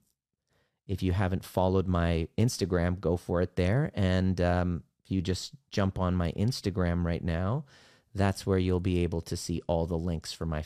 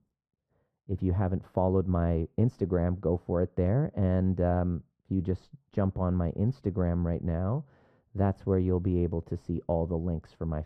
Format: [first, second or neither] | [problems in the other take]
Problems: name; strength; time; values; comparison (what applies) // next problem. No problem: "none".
first | muffled; very; fading above 2 kHz